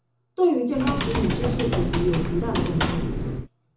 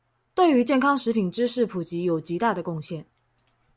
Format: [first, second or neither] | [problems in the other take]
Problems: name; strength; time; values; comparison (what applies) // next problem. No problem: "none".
second | background sound (Typing); as loud as the speech // room echo; dies away in 0.5 s